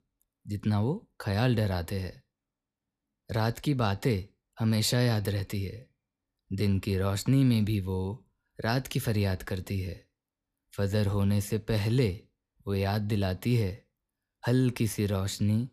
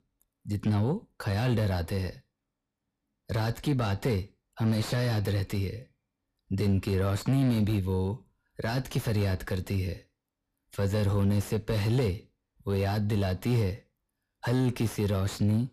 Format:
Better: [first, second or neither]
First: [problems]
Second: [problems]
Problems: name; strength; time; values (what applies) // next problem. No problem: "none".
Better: first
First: none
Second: distortion; slight; 9 dB below the speech